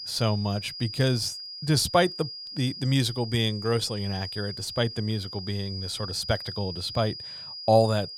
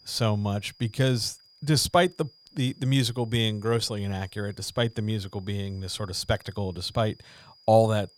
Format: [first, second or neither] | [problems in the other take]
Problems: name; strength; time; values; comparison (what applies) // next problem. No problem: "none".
second | high-pitched whine; loud; throughout; 5 kHz, 9 dB below the speech; faint in the second